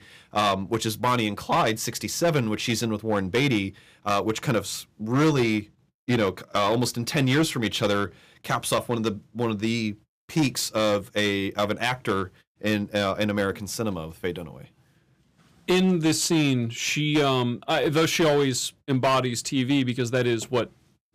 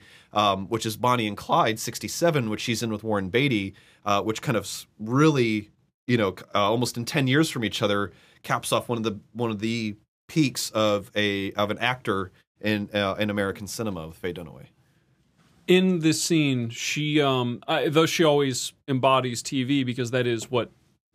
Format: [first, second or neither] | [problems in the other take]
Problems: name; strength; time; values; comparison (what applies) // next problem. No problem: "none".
second | distortion; slight; 7% of the sound clipped